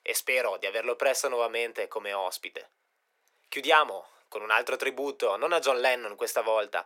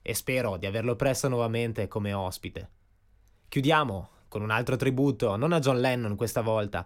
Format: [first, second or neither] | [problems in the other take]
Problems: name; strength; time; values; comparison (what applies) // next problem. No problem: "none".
second | thin; very; fading below 450 Hz